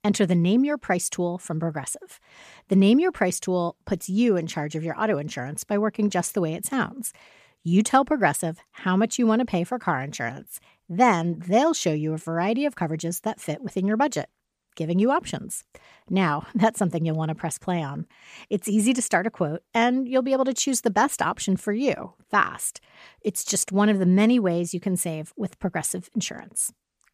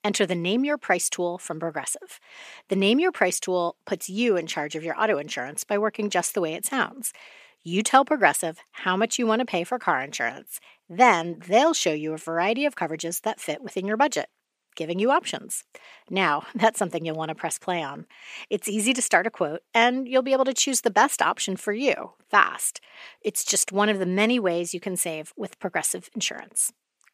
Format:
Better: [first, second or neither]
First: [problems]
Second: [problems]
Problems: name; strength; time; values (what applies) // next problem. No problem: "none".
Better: first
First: none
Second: thin; somewhat; fading below 350 Hz